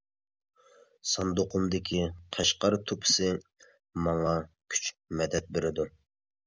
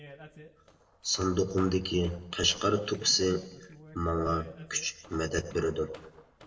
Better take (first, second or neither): first